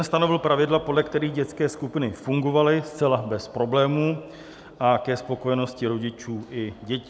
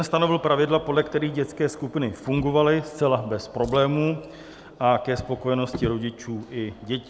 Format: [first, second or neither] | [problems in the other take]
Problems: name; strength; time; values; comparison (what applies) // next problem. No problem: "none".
first | background sound (Drawer open or close); 18 dB below the speech